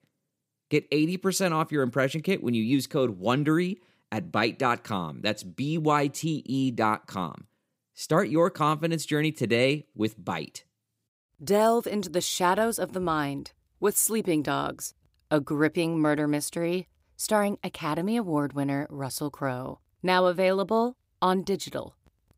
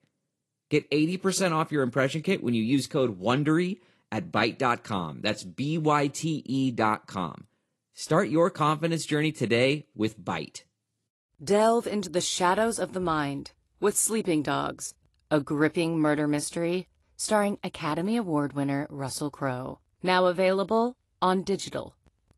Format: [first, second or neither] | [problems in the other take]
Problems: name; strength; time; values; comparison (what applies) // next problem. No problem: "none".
first | garbled, watery; slightly; nothing above 11.5 kHz